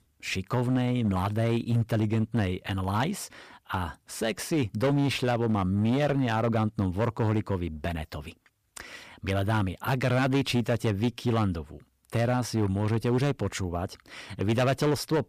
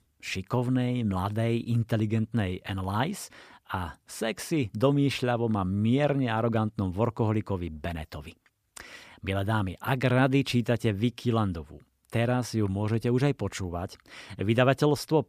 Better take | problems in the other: second | distortion; slight; 10% of the sound clipped

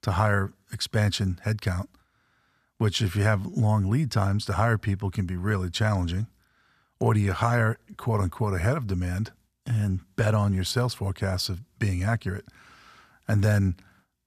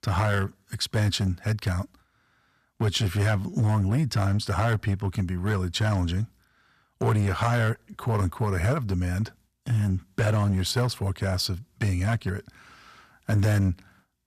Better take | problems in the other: first | distortion; slight; 4% of the sound clipped

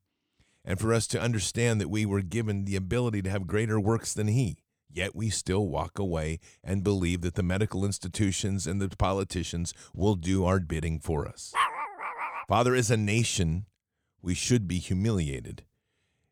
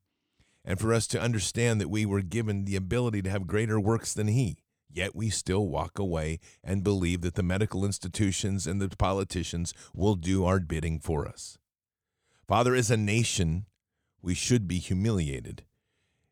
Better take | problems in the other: second | dog barking; loud; at 12 s; peak 1 dB above the speech

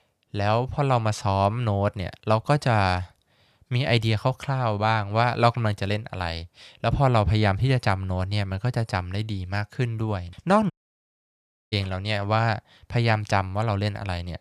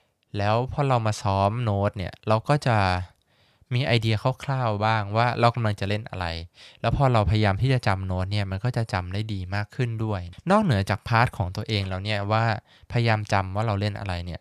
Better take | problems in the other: second | audio cutting out; at 11 s for 1 s

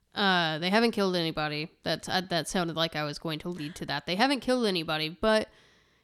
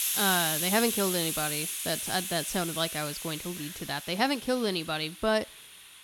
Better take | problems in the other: first | hiss; loud; throughout; 2 dB below the speech

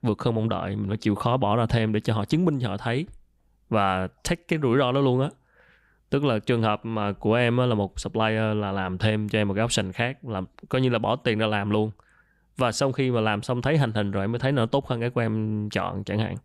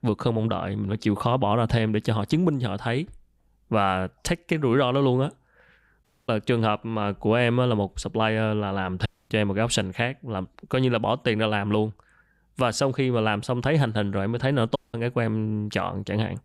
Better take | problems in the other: first | audio cutting out; at 6 s, at 9 s and at 15 s

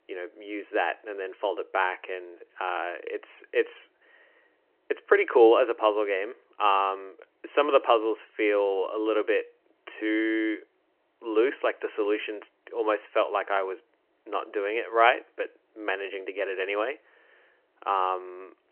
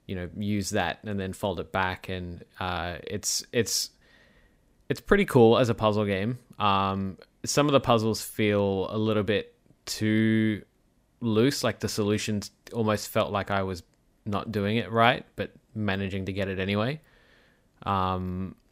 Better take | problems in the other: second | phone-call audio

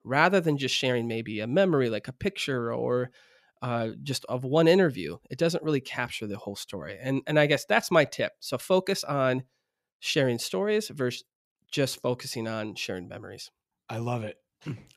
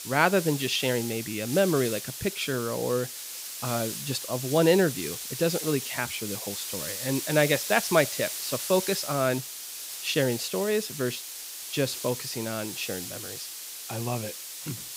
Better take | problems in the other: first | hiss; loud; throughout; 6 dB below the speech

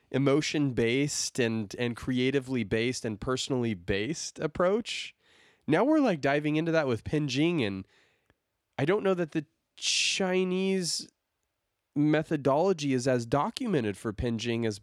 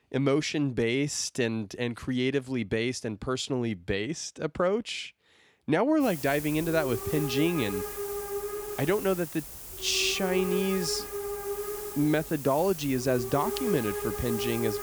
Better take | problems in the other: first | hiss; loud; from 6 s on; 5 dB below the speech

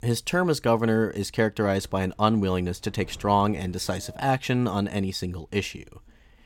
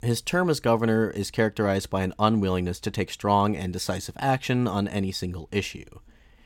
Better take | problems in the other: second | wind noise on the microphone; occasional gusts; from 2 to 4.5 s; 25 dB below the speech

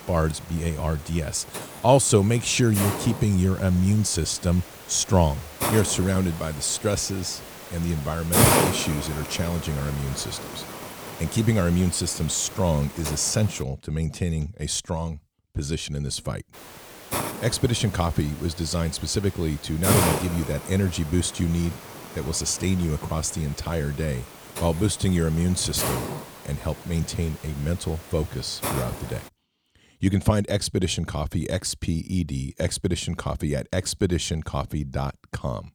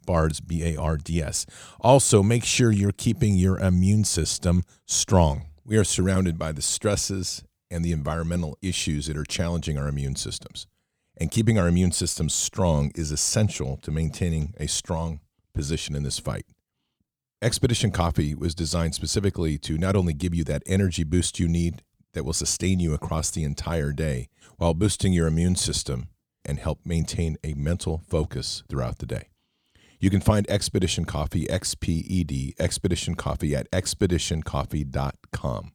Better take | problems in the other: second | hiss; loud; until 14 s and from 17 to 29 s; 4 dB below the speech

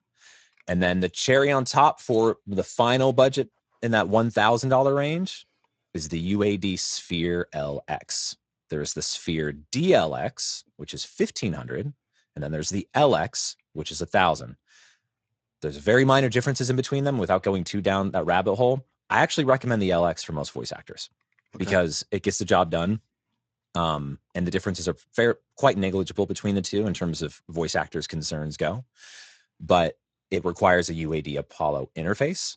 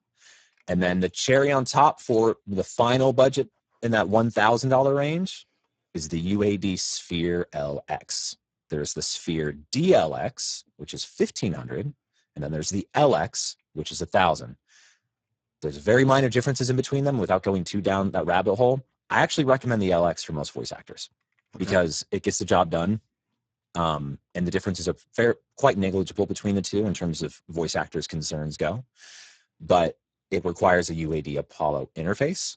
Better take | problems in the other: first | garbled, watery; badly; nothing above 7.5 kHz; slightly in the first

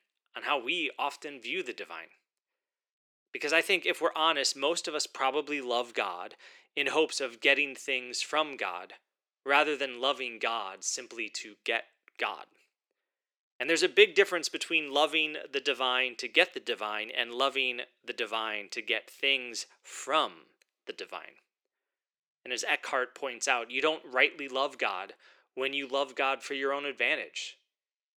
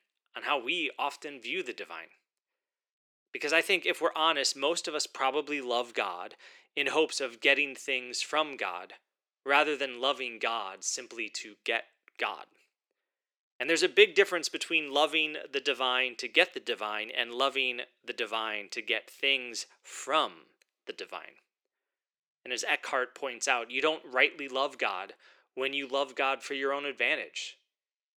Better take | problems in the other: neither | thin; somewhat; fading below 350 Hz; the same in both

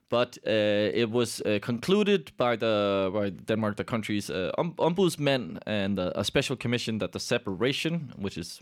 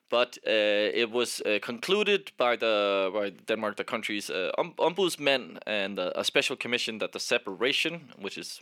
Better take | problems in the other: first | thin; somewhat; fading below 350 Hz

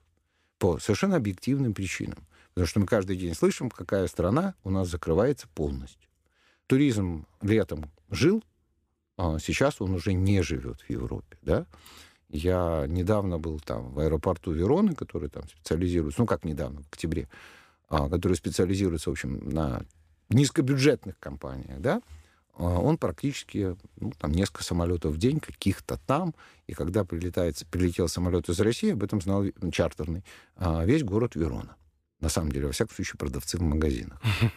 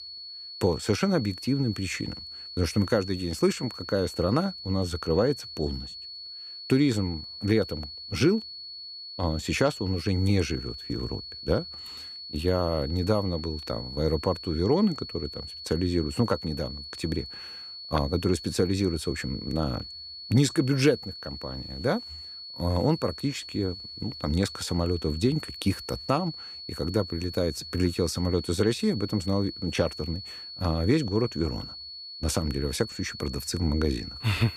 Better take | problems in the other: first | high-pitched whine; loud; throughout; 4.5 kHz, 10 dB below the speech

